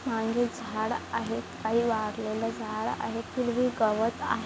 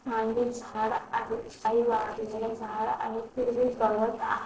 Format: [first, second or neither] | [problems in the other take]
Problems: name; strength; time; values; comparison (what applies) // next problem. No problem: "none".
first | noise reduction (neural separator model SepFormer DNS4)